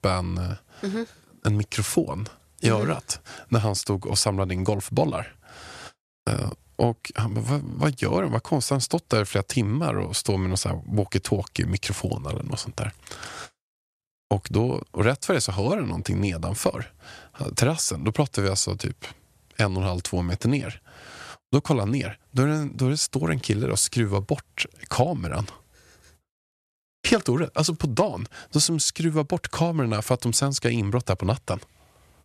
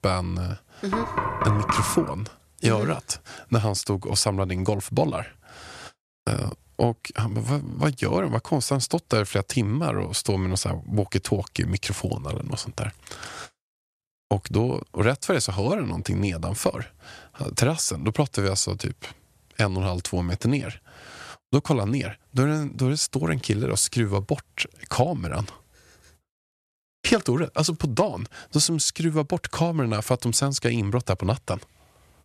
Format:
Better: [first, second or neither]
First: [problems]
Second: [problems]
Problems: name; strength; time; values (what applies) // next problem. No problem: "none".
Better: first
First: none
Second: door banging; noticeable; from 1 to 2 s; peak level with the speech